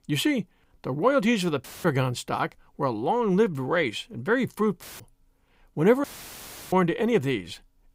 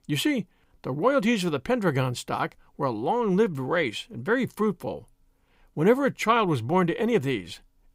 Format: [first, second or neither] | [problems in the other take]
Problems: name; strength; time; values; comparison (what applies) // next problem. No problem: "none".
second | audio cutting out; filled with static; at 1.5 s, at 5 s and at 6 s for 0.5 s